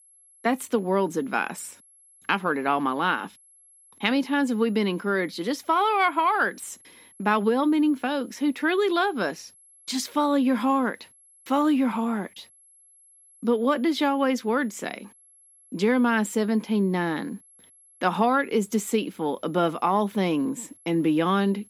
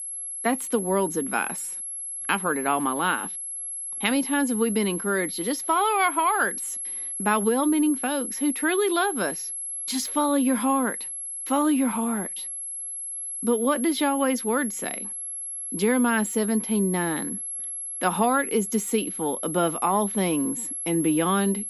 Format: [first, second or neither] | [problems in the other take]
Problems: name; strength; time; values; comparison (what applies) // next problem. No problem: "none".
first | high-pitched whine; loud; throughout; 11 kHz, 5 dB below the speech; faint in the first